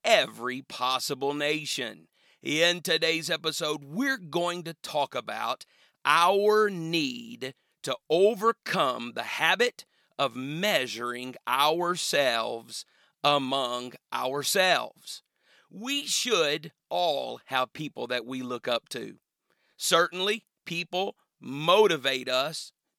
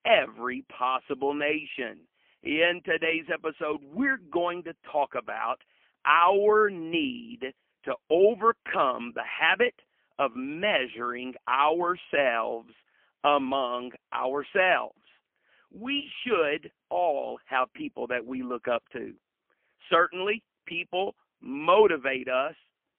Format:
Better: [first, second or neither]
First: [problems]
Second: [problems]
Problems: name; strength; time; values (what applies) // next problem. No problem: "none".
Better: first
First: none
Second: phone-call audio; poor line; nothing above 3 kHz